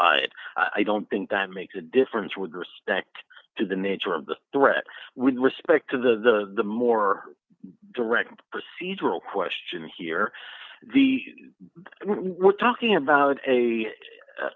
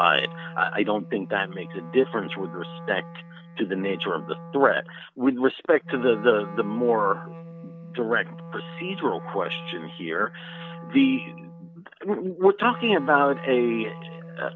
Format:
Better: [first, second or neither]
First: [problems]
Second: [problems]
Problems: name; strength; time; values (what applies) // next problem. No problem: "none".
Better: first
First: none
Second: background sound (Wind instrument, woodwind instrument); 14 dB below the speech